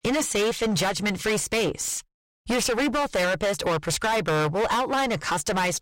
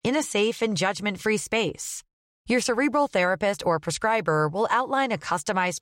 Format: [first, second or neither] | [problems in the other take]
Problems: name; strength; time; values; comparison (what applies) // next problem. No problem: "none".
second | distortion; heavy; 27% of the sound clipped